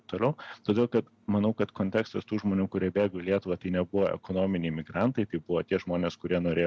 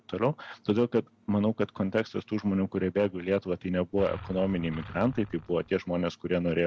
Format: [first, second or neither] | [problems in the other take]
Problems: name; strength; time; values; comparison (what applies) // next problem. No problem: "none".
first | background sound (Engine); 15 dB below the speech